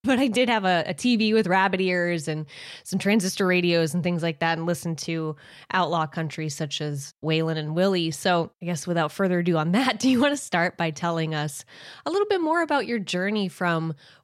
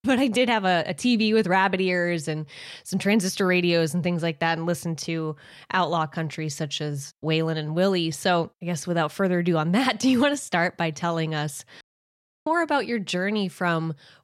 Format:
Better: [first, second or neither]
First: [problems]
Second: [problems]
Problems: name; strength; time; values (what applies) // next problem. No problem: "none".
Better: first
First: none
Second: audio cutting out; at 12 s for 0.5 s